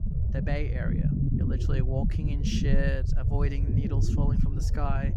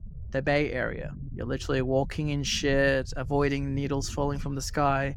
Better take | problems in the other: second | low rumble; loud; throughout; 2 dB below the speech; faint in the second

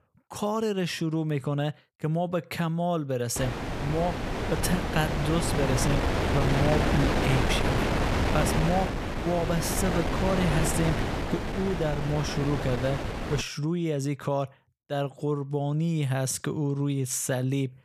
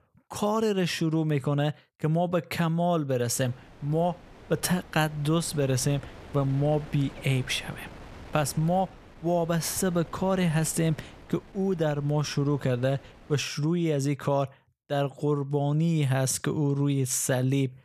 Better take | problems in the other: second | wind noise on the microphone; heavy; from 3.5 to 13 s; 1 dB above the speech; occasional gusts in the second

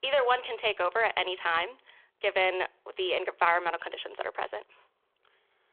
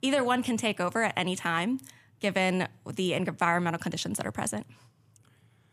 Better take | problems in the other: second | phone-call audio

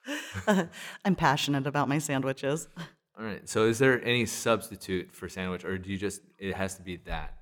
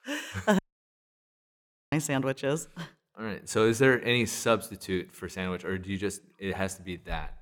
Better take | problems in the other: first | audio cutting out; at 0.5 s for 1.5 s

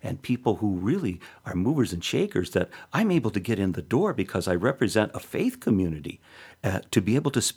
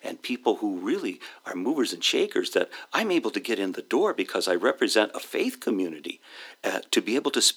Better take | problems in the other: first | thin; somewhat; fading below 300 Hz

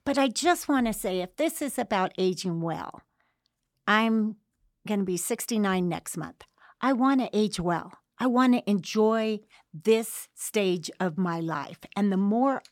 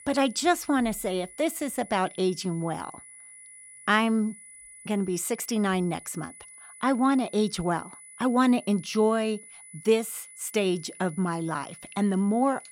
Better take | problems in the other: first | high-pitched whine; noticeable; throughout; 10 kHz, 20 dB below the speech

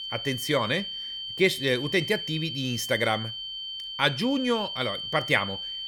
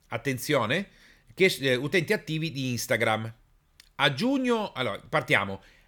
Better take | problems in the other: second | high-pitched whine; loud; throughout; 3 kHz, 6 dB below the speech

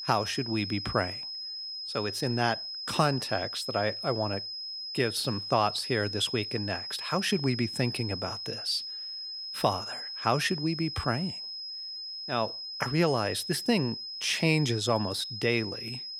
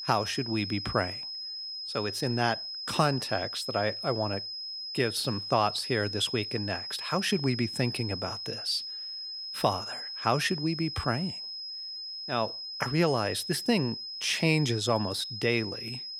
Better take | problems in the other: neither | high-pitched whine; loud; throughout; 5 kHz, 6 dB below the speech; the same in both

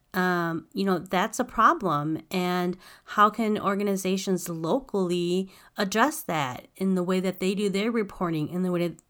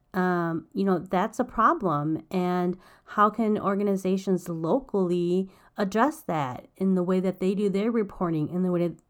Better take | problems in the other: first | muffled; slightly; fading above 1.5 kHz

